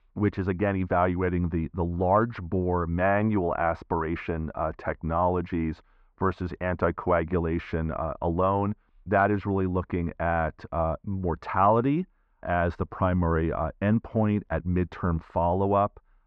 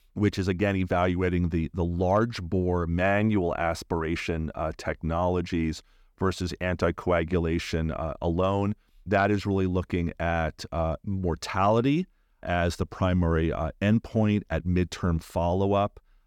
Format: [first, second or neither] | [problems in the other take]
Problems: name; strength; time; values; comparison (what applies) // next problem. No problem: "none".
second | muffled; very; fading above 1.5 kHz